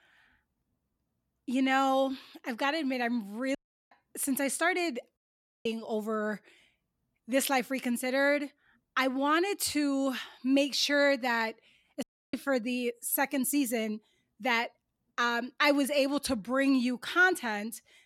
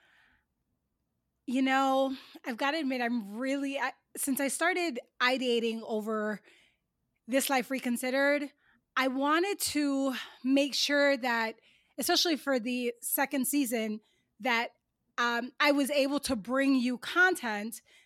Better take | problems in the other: second | audio cutting out; at 3.5 s, at 5 s and at 12 s

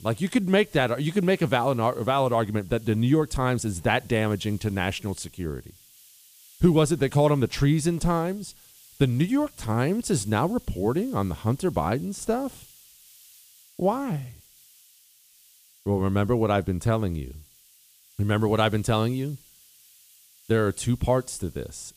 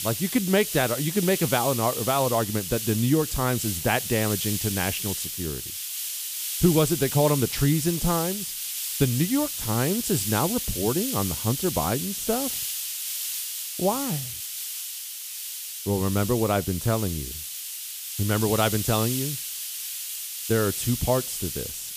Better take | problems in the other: first | hiss; loud; throughout; 4 dB below the speech; faint in the first

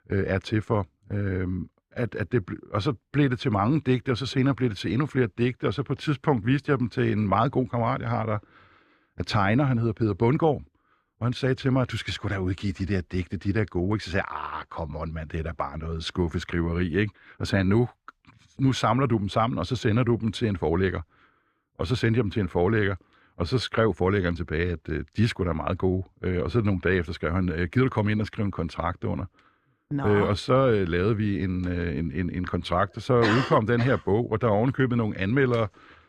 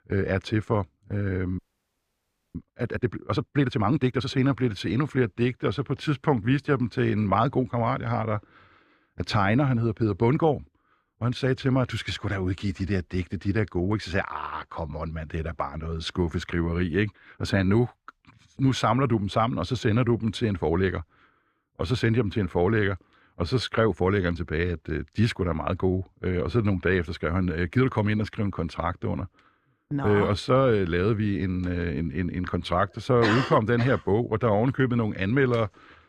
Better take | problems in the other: first | audio freezing; at 1.5 s for 1 s

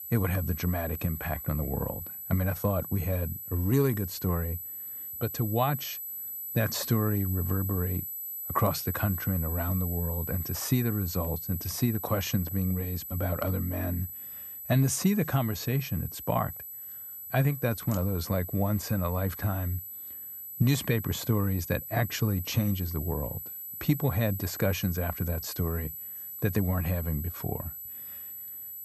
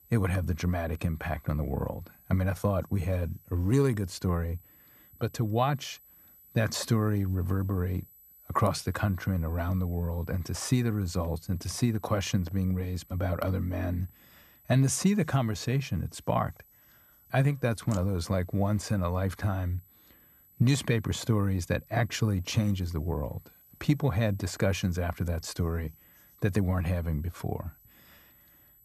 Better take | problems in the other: second | high-pitched whine; loud; throughout; 12 kHz, 7 dB below the speech; faint in the second

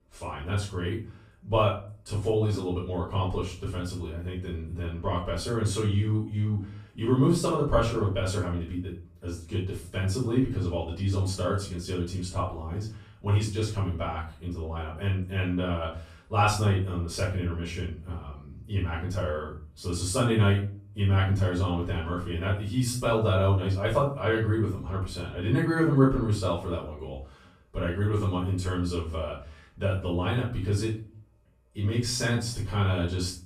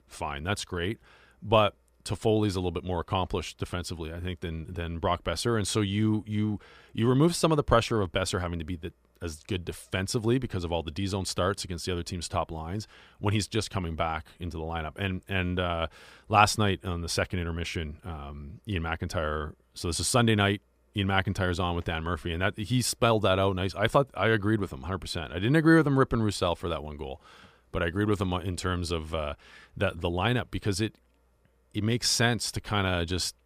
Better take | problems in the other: second | off-mic speech; far // room echo; noticeable; dies away in 0.4 s

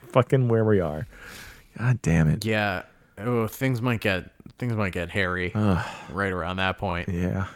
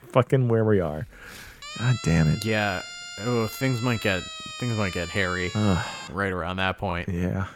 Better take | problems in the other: first | siren; noticeable; from 1.5 to 6 s; peak 9 dB below the speech

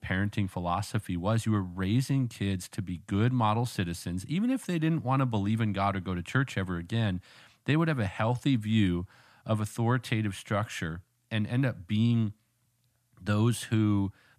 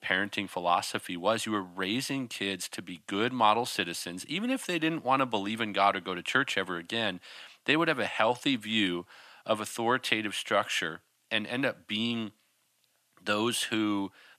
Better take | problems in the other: first | thin; somewhat; fading below 400 Hz

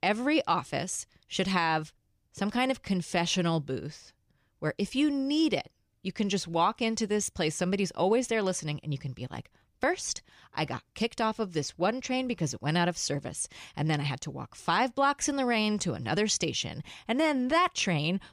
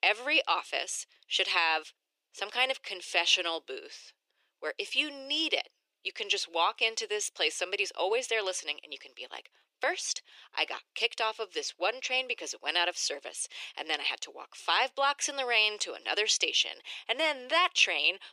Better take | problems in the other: first | thin; very; fading below 400 Hz

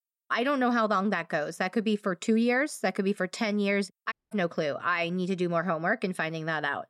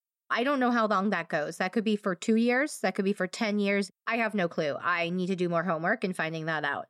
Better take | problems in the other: second | audio cutting out; at 4 s

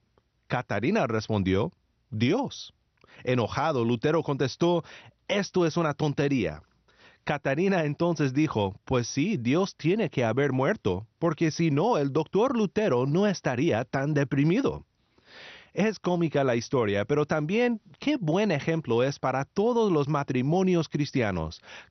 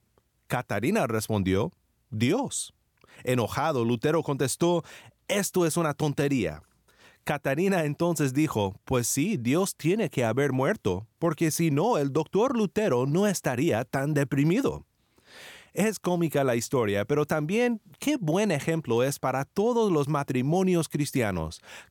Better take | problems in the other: second | garbled, watery; slightly; nothing above 6 kHz

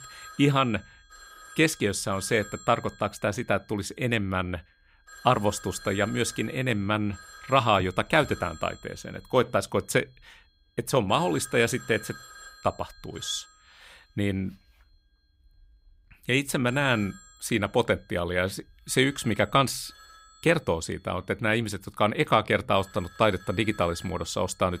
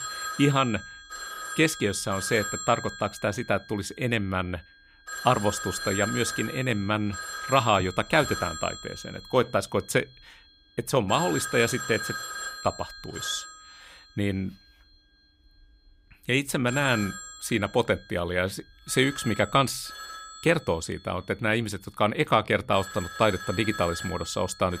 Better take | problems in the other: first | alarms or sirens; loud; throughout; 10 dB below the speech; faint in the first

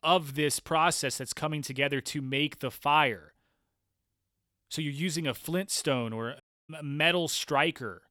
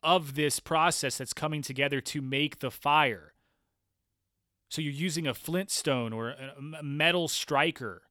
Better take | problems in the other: second | audio cutting out; at 6.5 s

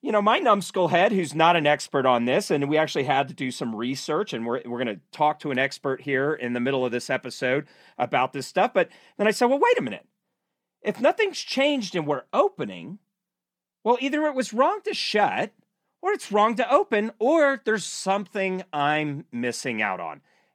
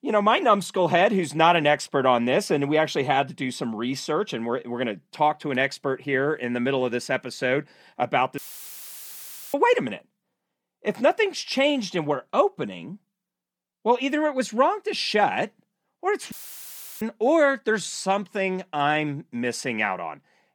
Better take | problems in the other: first | audio cutting out; filled with static; at 8.5 s for 1 s and at 16 s for 0.5 s

